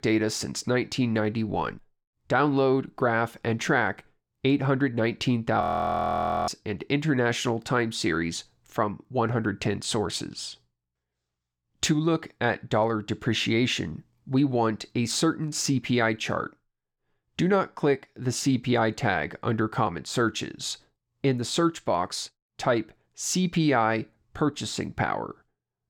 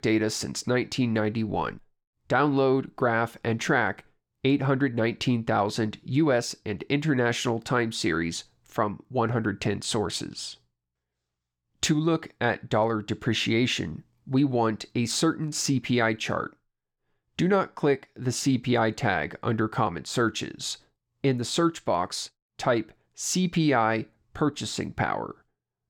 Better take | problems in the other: second | audio freezing; at 5.5 s for 1 s

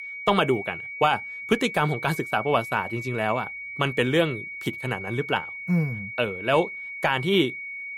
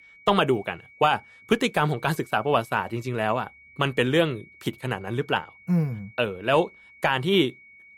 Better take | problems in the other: second | high-pitched whine; loud; throughout; 2 kHz, 8 dB below the speech; faint in the second

